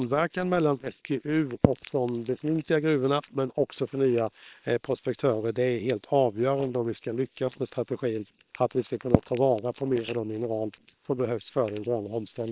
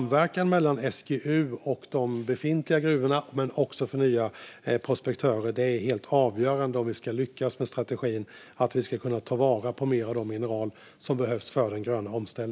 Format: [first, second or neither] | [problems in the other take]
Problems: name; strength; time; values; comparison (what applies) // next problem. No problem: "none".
second | noise reduction (neural separator model SepFormer WHAM!)